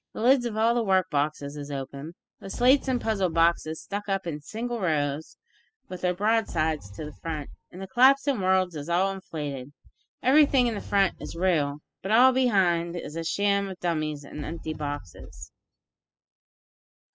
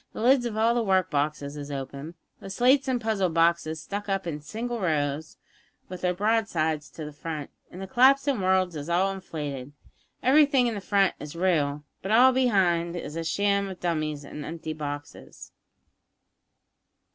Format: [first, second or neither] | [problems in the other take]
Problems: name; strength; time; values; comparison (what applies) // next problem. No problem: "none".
second | noise reduction (classical method spectral subtraction)